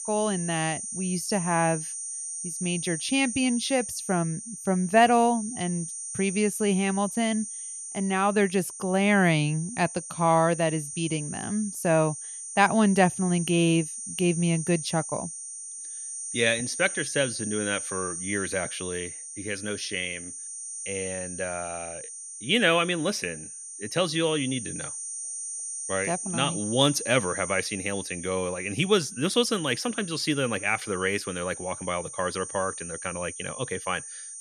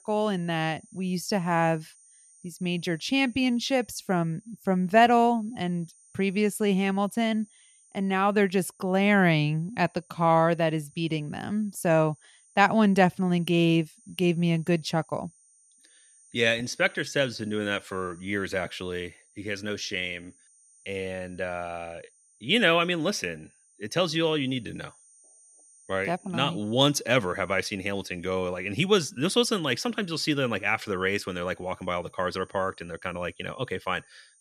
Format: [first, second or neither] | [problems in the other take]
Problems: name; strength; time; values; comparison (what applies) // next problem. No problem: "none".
second | high-pitched whine; loud; throughout; 9 kHz, 8 dB below the speech; faint in the second